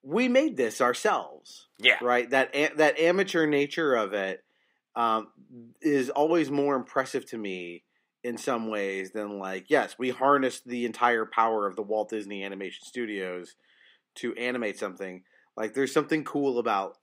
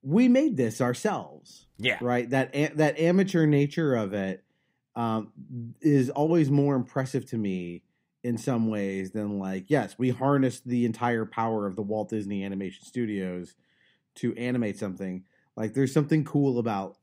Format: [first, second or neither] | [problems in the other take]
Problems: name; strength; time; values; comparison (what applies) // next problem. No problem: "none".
second | thin; somewhat; fading below 450 Hz